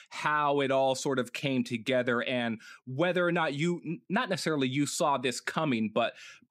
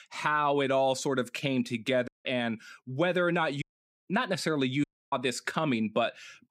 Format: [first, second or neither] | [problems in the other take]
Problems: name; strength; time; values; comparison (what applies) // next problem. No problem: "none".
first | audio cutting out; at 2 s, at 3.5 s and at 5 s